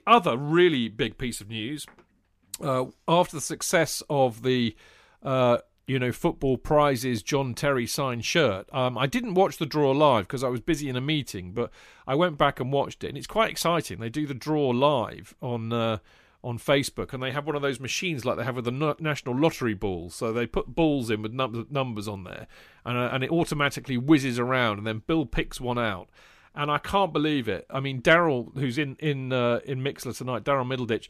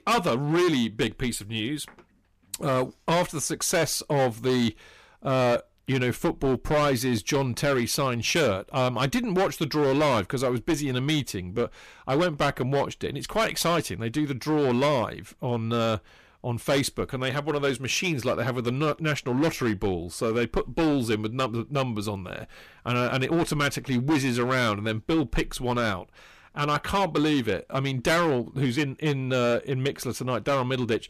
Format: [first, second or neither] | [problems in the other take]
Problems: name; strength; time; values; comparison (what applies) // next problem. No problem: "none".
first | distortion; heavy; 10% of the sound clipped